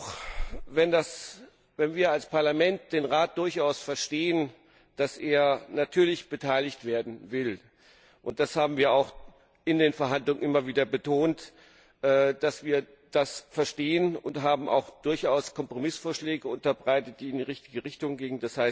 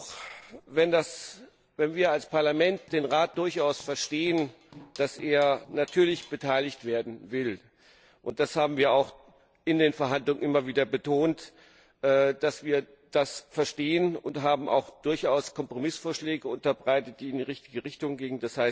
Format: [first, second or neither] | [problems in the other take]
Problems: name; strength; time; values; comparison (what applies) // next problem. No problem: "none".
first | noise reduction (neural separator model SepFormer DNS4)